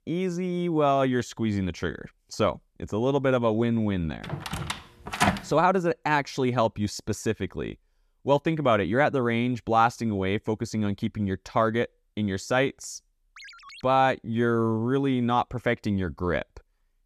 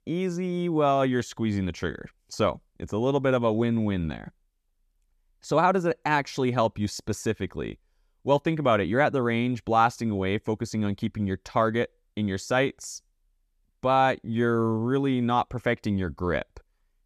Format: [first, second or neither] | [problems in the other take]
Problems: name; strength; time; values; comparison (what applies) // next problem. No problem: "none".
second | door banging; loud; from 4.5 to 5.5 s; peak 1 dB above the speech // phone ringing; faint; at 13 s; peak 20 dB below the speech